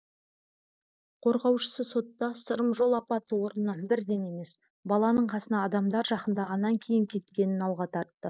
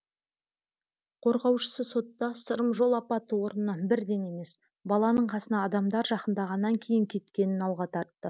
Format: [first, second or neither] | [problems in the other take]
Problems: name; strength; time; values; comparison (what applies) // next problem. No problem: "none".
second | noise reduction (neural mask model Resemble Enhance denoiser)